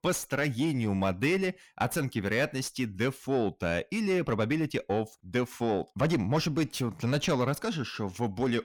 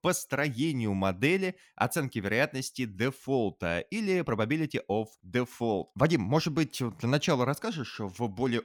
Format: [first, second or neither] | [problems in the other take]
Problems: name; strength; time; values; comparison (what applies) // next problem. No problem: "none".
second | distortion; slight; 10 dB below the speech